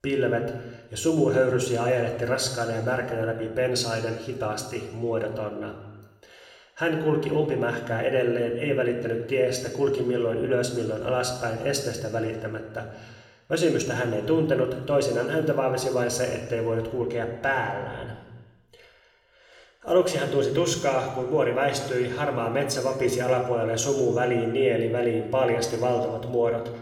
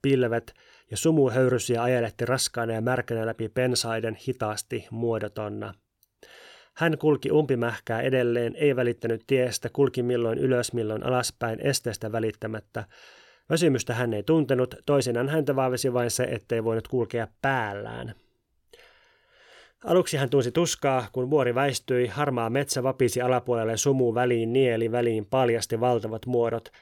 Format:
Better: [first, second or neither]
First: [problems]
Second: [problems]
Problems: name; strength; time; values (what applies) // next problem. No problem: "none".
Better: second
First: room echo; slight; dies away in 1.2 s // off-mic speech; somewhat distant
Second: none